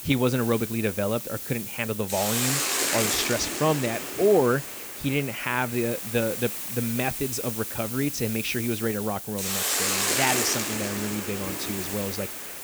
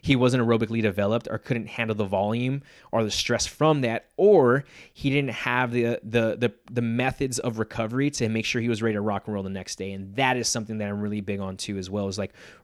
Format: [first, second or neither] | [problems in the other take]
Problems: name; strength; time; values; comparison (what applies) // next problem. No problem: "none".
second | hiss; loud; throughout; 1 dB below the speech